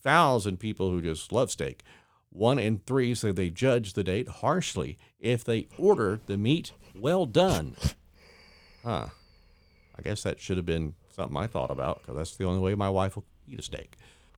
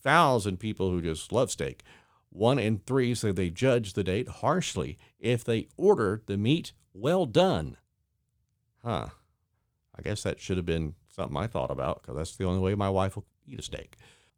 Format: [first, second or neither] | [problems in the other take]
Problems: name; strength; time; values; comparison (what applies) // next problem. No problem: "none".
second | dog barking; noticeable; at 7.5 s; peak 4 dB below the speech